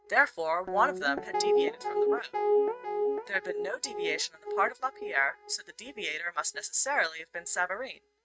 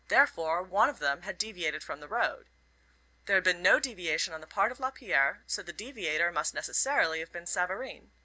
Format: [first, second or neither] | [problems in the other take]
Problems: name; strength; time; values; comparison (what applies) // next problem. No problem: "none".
second | noise reduction (neural mask model RNNoise)